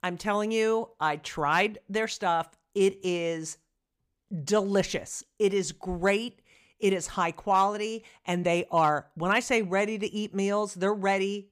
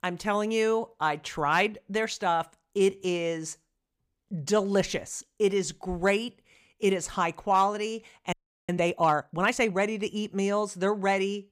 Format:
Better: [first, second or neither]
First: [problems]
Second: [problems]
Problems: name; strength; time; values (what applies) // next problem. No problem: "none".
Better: first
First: none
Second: audio freezing; at 8.5 s